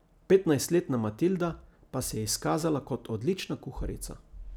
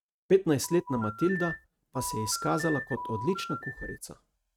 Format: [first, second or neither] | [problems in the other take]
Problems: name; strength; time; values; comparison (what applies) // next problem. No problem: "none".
first | noise reduction (neural mask model RNNoise)